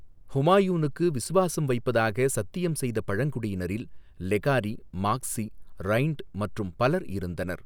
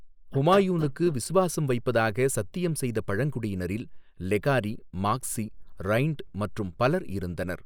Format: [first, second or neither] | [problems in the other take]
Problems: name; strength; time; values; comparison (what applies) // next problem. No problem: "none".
first | noise reduction (neural mask model Resemble Enhance denoiser)